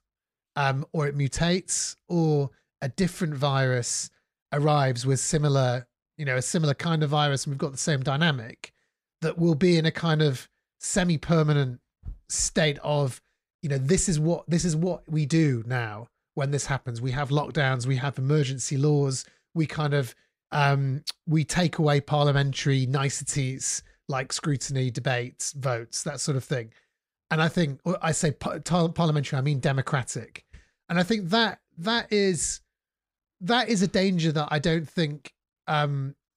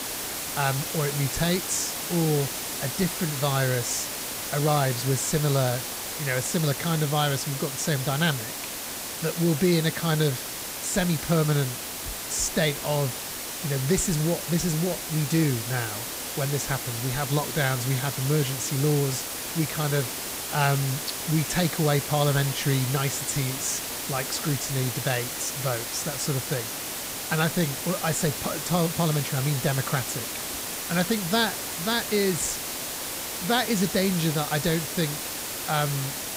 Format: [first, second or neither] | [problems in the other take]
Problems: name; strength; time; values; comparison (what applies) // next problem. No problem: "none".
first | hiss; loud; throughout; 4 dB below the speech